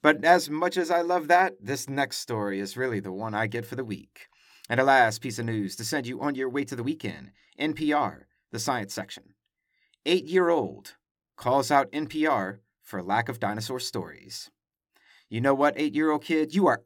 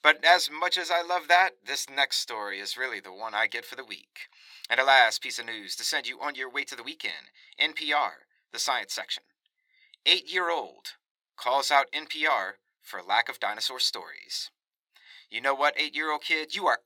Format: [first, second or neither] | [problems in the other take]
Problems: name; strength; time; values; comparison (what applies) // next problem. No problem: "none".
first | thin; very; fading below 850 Hz